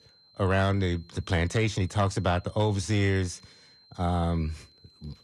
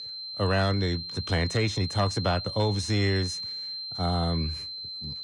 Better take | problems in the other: first | high-pitched whine; loud; throughout; 4 kHz, 6 dB below the speech; faint in the first

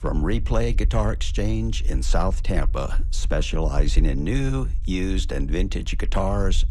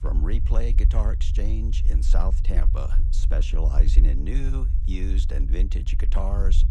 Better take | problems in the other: first | low rumble; loud; throughout; 8 dB below the speech; faint in the first

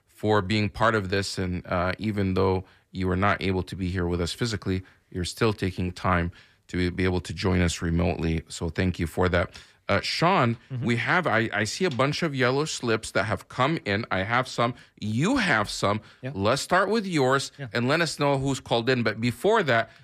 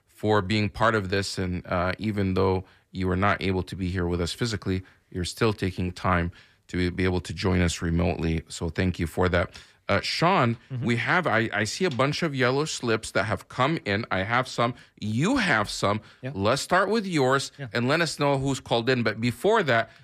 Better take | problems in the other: neither | none

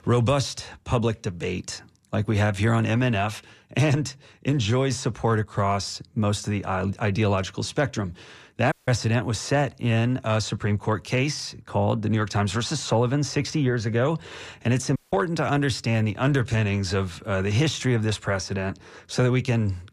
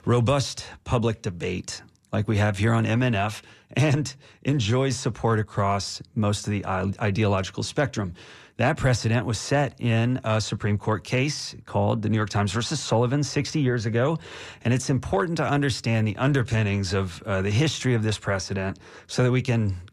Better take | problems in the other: second | audio cutting out; at 8.5 s and at 15 s

